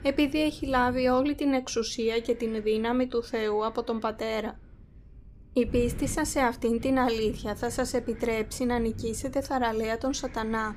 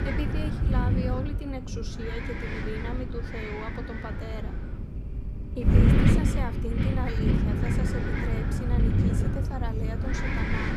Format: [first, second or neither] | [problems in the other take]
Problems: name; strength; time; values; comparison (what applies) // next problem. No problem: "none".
first | wind noise on the microphone; heavy; 4 dB above the speech; occasional gusts in the first